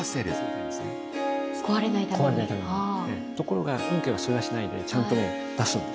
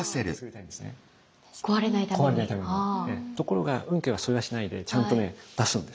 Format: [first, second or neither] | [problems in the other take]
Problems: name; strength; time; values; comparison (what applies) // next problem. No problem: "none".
second | background sound (Harp); 4 dB below the speech